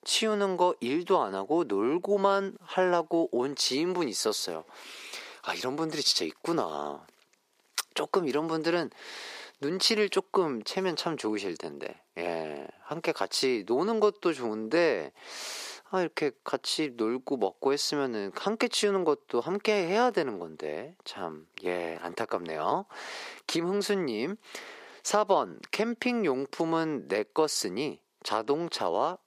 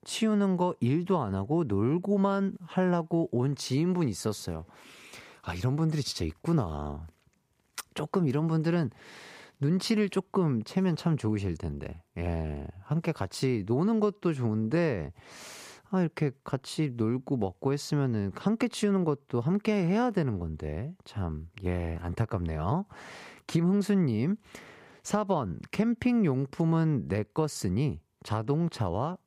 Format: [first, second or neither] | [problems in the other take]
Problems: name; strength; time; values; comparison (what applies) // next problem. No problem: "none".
second | thin; somewhat; fading below 350 Hz